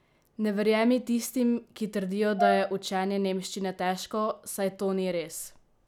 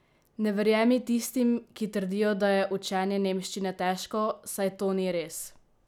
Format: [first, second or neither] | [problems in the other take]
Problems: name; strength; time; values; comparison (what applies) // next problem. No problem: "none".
second | background sound (Brass instrument); 4 dB below the speech